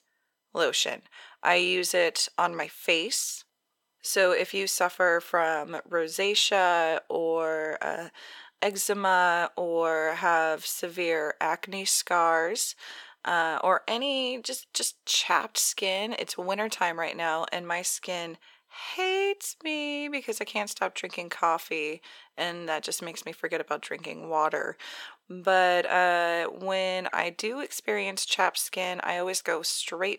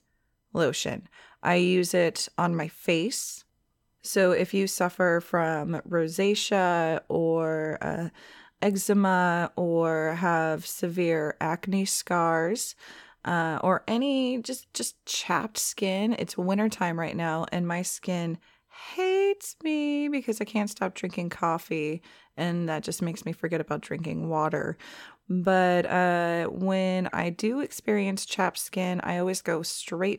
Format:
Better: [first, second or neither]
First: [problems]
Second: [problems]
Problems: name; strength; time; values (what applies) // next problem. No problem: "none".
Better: second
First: thin; very; fading below 550 Hz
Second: none